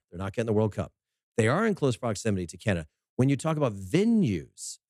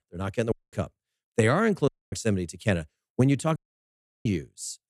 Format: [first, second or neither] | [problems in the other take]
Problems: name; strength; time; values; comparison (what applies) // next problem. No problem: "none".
first | audio cutting out; at 0.5 s, at 2 s and at 3.5 s for 0.5 s